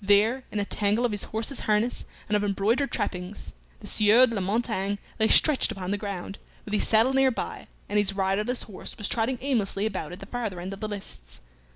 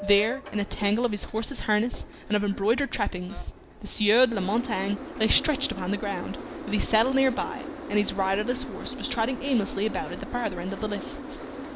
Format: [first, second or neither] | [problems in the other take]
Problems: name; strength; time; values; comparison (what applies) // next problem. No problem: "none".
first | background sound (Boat, Water vehicle); 11 dB below the speech